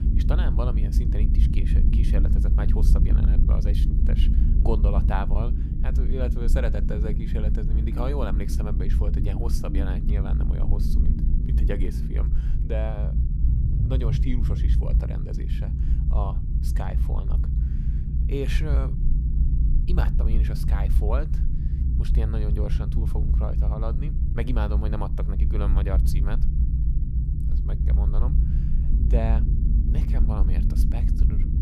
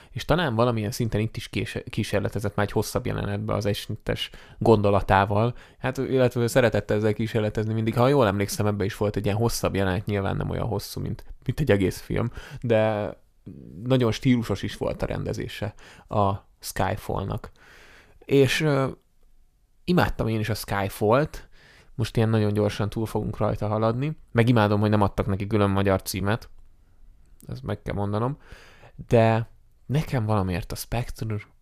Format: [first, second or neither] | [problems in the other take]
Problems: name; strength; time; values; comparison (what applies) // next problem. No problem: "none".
second | low rumble; loud; throughout; 3 dB below the speech